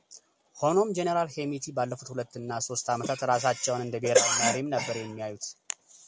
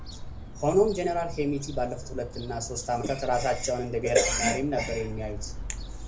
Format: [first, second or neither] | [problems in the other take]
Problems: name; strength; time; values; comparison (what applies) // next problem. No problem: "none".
first | background sound (Gull, seagull / Fowl); 9 dB below the speech // room echo; dies away in 0.3 s